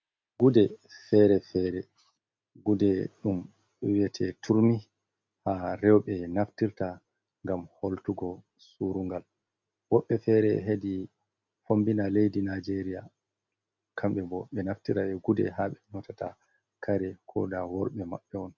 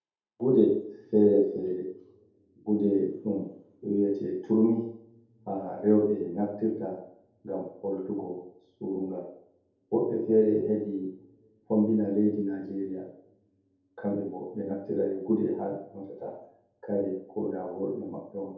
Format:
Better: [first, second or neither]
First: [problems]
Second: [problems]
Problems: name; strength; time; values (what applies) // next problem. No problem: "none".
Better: first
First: none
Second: room echo; dies away in 0.7 s